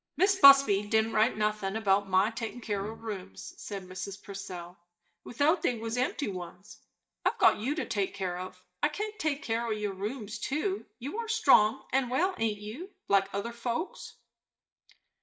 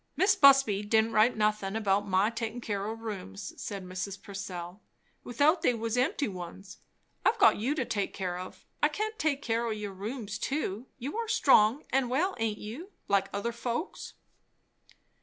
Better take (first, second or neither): second